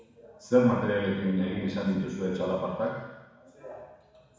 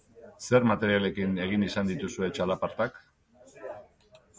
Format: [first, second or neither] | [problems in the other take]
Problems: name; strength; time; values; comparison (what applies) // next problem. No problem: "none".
second | room echo; dies away in 1.1 s